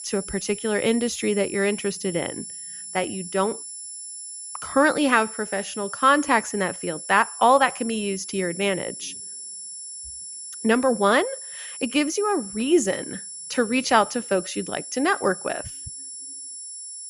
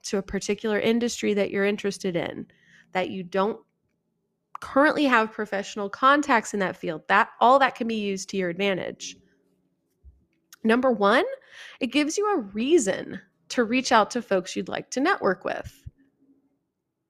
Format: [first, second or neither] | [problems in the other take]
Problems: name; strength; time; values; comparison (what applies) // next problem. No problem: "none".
second | high-pitched whine; noticeable; throughout; 10 kHz, 10 dB below the speech